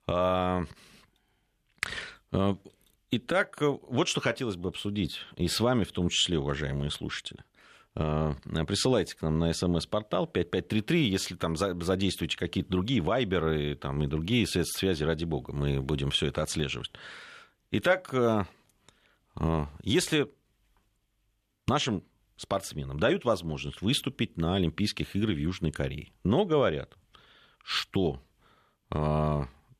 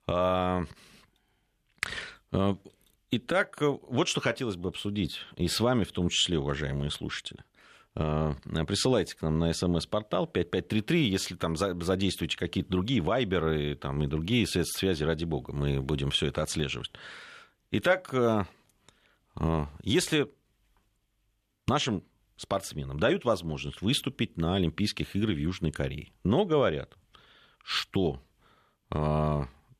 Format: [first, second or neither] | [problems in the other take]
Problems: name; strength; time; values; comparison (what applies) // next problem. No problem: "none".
neither | none